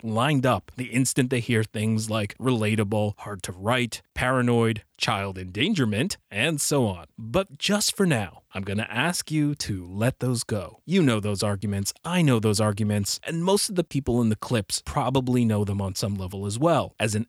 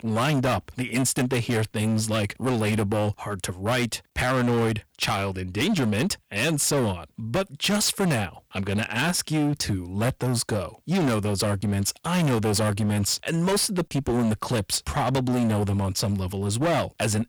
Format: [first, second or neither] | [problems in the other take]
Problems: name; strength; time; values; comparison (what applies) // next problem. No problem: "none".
first | distortion; heavy; 19% of the sound clipped